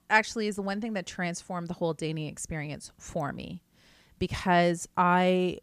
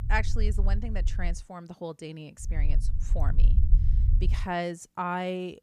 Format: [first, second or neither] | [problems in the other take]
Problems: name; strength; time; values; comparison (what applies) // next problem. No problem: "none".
first | low rumble; noticeable; until 1.5 s and from 2.5 to 4.5 s; 15 dB below the speech